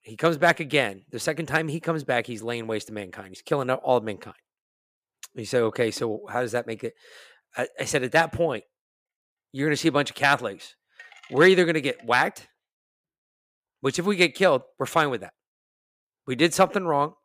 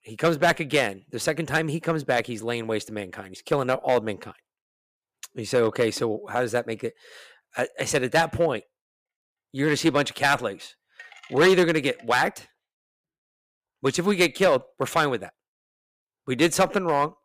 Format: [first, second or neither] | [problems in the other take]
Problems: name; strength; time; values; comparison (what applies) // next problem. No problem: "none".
first | distortion; slight; 2% of the sound clipped